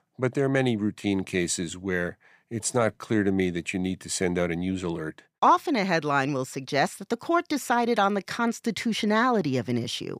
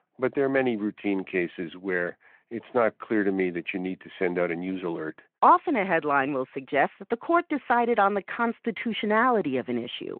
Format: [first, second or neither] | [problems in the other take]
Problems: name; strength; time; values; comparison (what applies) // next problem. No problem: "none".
first | phone-call audio